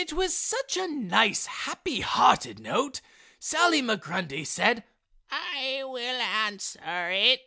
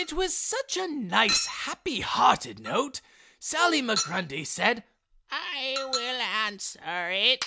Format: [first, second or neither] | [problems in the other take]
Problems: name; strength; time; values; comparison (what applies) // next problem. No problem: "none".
first | background sound (Chink, clink); 10 dB below the speech